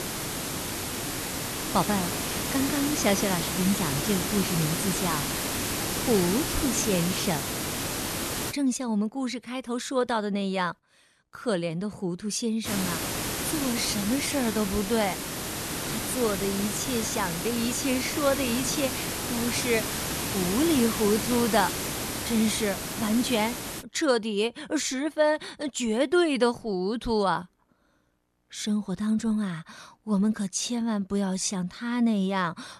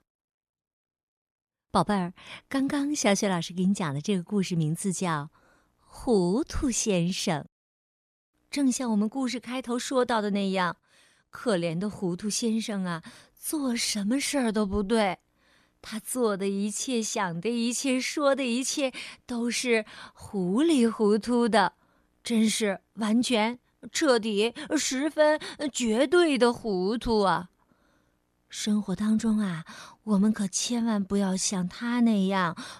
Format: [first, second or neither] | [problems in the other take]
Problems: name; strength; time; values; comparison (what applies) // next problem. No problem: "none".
second | hiss; loud; until 8.5 s and from 13 to 24 s; 2 dB below the speech